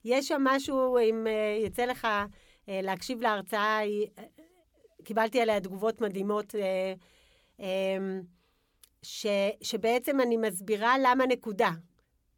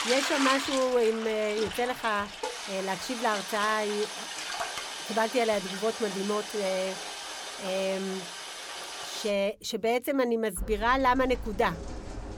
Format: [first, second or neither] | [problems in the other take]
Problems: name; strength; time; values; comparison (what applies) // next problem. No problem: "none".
first | household noises; loud; throughout; 6 dB below the speech